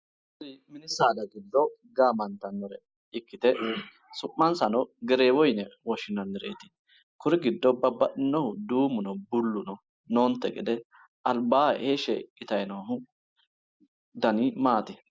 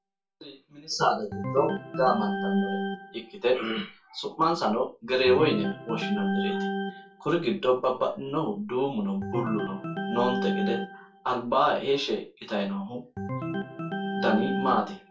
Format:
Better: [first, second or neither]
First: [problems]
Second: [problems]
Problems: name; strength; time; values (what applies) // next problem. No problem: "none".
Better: first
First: none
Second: background sound (Organ); 6 dB below the speech // room echo; dies away in 0.3 s